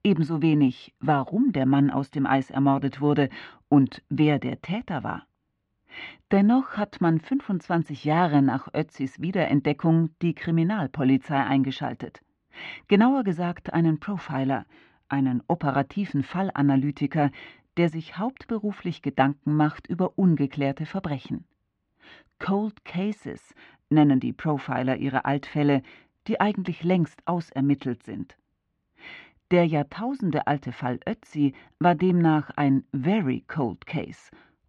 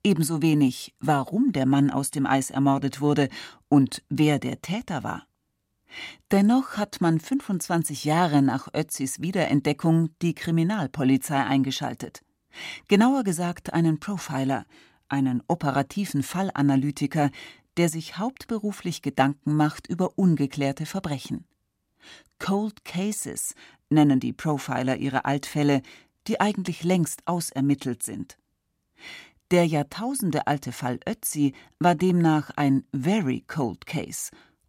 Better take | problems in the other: second | muffled; very; fading above 3 kHz

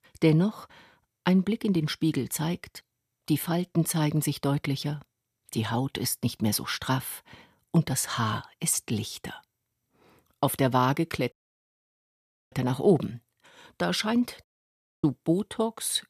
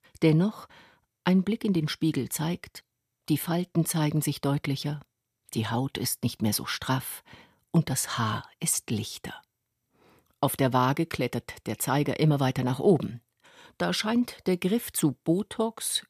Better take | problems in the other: second | audio cutting out; at 11 s for 1 s and at 14 s for 0.5 s

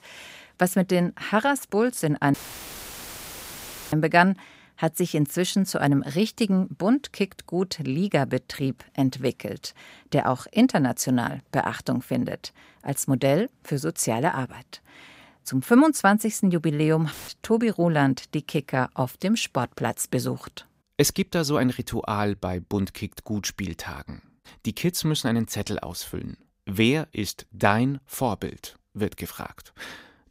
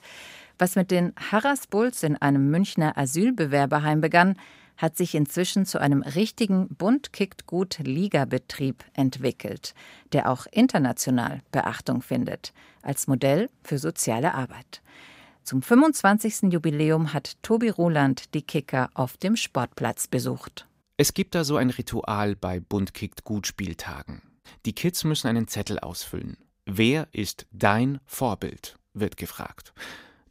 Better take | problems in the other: second | audio cutting out; filled with static; at 2.5 s for 1.5 s and at 17 s

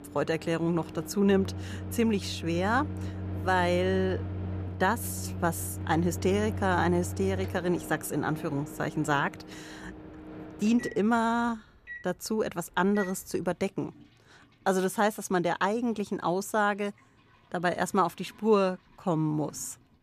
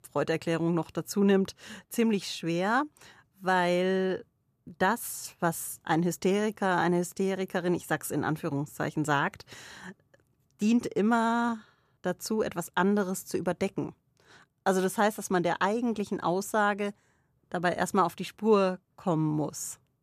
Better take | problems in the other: second | household noises; loud; throughout; 10 dB below the speech

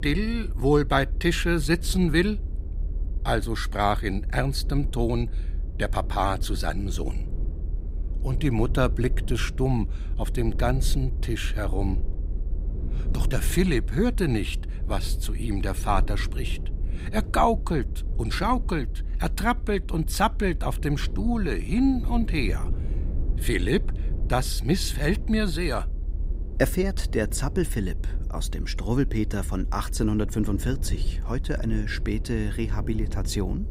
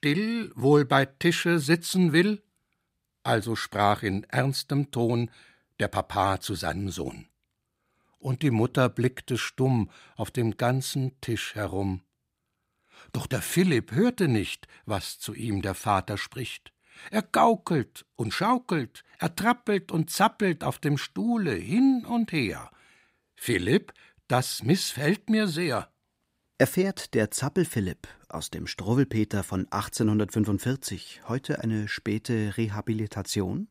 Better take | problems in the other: second | low rumble; noticeable; throughout; 20 dB below the speech

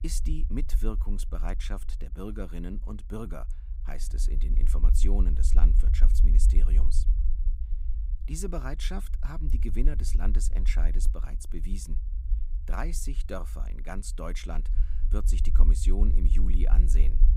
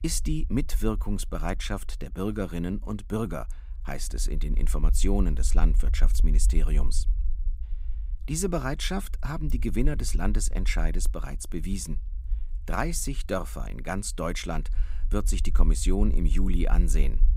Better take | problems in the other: second | low rumble; loud; throughout; 10 dB below the speech; faint in the second

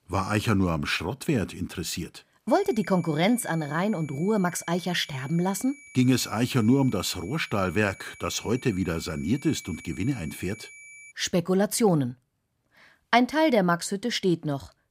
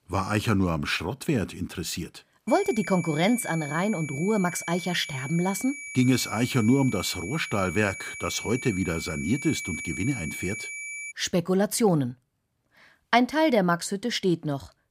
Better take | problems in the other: first | high-pitched whine; loud; from 2.5 to 11 s; 2.5 kHz, 9 dB below the speech; faint in the first

